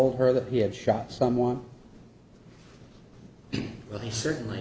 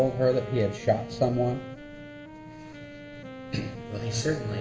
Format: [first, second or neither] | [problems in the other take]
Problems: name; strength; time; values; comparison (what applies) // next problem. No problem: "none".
first | background sound (Wind instrument, woodwind instrument); 12 dB below the speech // room echo; dies away in 0.2 s